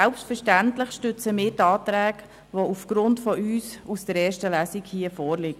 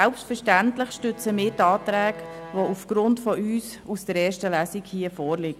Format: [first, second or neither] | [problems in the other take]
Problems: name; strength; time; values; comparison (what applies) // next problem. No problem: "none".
first | background sound (Bowed string instrument); 18 dB below the speech